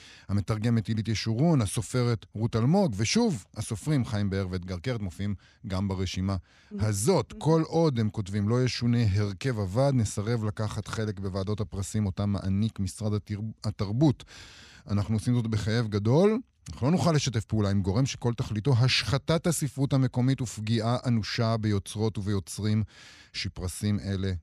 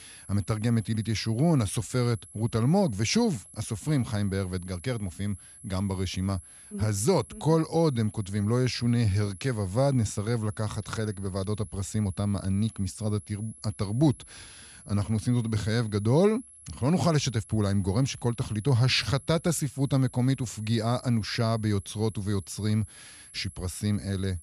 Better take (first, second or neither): first